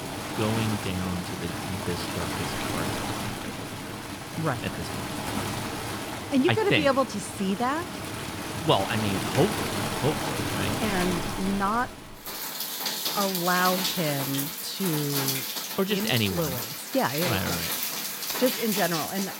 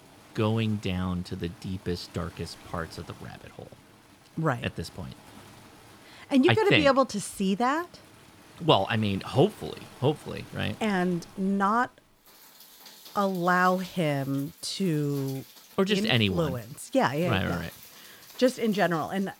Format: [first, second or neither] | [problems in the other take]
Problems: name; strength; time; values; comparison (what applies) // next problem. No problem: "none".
second | rain or running water; loud; throughout; 2 dB below the speech; faint in the second